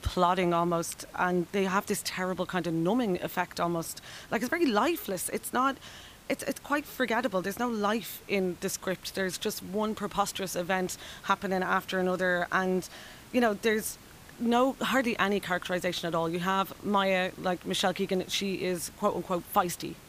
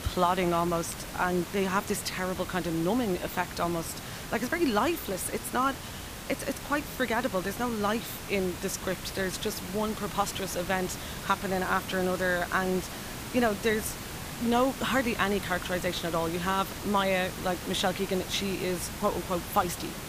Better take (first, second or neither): first